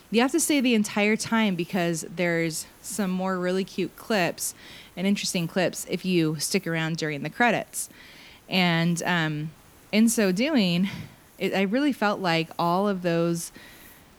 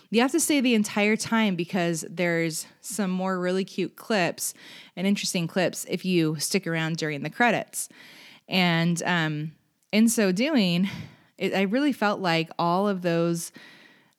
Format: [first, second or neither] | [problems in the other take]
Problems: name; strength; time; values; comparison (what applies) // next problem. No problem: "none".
second | hiss; faint; throughout; 25 dB below the speech